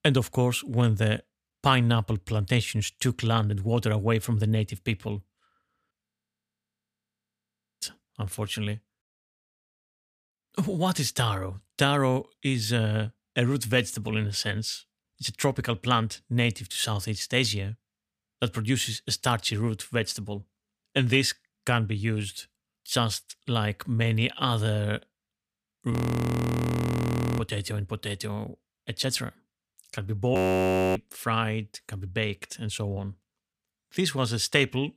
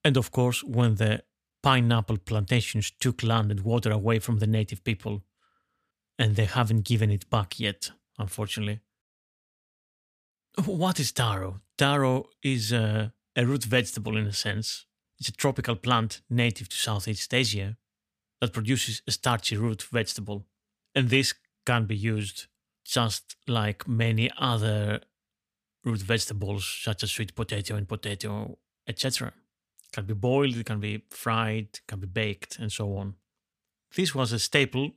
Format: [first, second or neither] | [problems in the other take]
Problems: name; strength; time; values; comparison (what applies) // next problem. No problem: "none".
second | audio freezing; at 6 s for 1.5 s, at 26 s for 1.5 s and at 30 s for 0.5 s